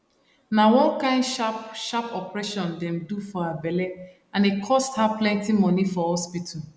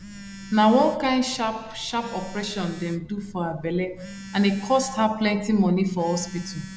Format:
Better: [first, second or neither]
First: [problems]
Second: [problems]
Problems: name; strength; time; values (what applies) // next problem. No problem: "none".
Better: first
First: none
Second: background sound (Telephone); 16 dB below the speech